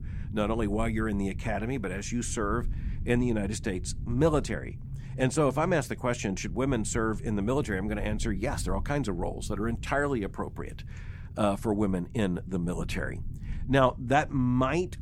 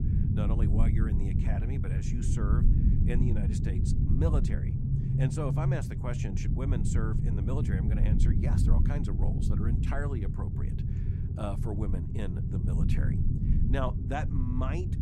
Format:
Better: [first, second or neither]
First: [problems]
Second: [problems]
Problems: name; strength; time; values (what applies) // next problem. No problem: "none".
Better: first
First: low rumble; faint; throughout; 20 dB below the speech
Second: low rumble; loud; throughout; 1 dB below the speech